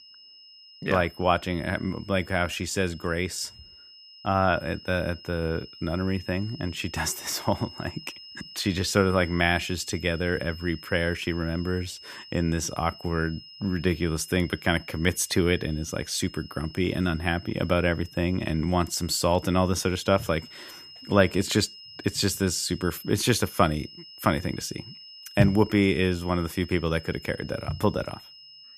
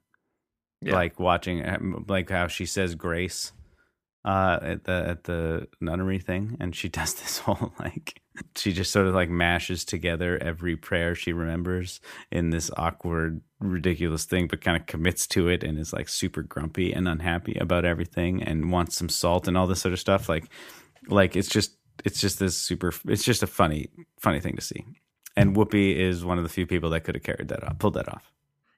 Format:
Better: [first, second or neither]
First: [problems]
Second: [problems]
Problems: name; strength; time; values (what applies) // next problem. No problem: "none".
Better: second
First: high-pitched whine; noticeable; throughout; 5 kHz, 20 dB below the speech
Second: none